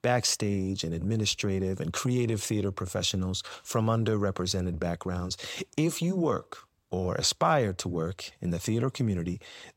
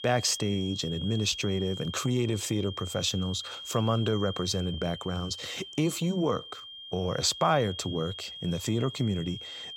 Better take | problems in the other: first | high-pitched whine; loud; throughout; 3 kHz, 10 dB below the speech

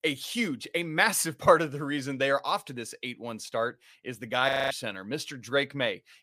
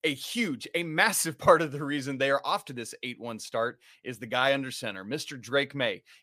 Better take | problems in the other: second | audio freezing; at 4.5 s

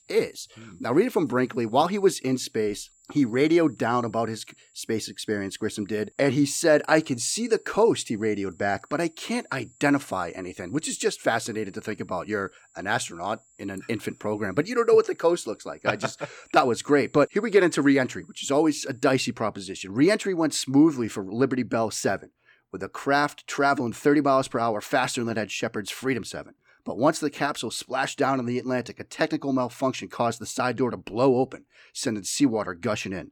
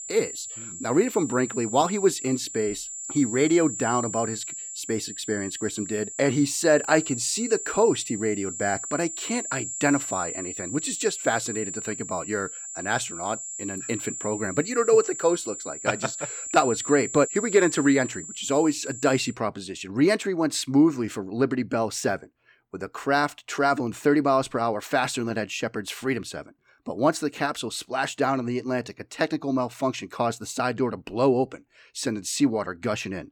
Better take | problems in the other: first | high-pitched whine; loud; until 19 s; 7.5 kHz, 7 dB below the speech; faint in the first

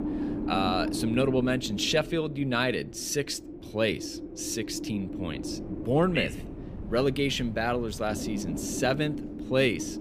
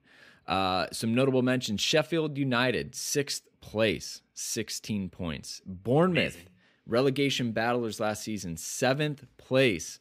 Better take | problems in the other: second | wind noise on the microphone; occasional gusts; 10 dB below the speech

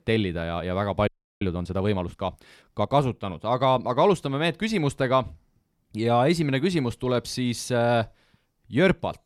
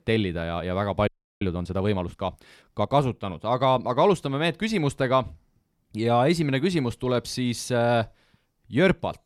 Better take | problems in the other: neither | audio freezing; at 1 s; the same in both

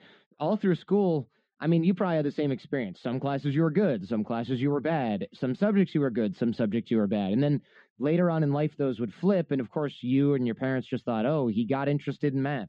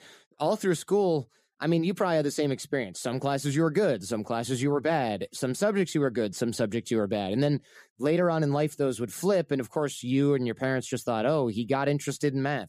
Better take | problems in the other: second | muffled; slightly; fading above 3.5 kHz

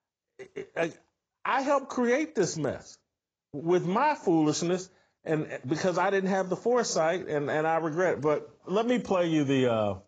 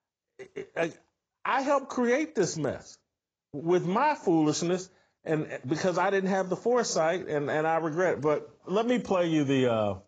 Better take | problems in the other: neither | garbled, watery; badly; nothing above 7.5 kHz; the same in both

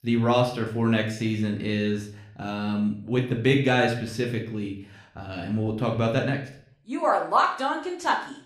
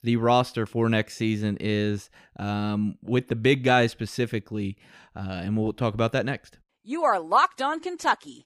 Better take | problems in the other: second | room echo; slight; dies away in 0.5 s // off-mic speech; somewhat distant

